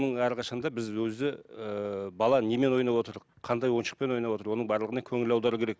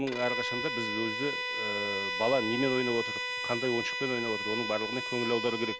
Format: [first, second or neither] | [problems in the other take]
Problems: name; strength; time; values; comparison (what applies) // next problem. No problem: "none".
first | background sound (Bowed string instrument); 2 dB below the speech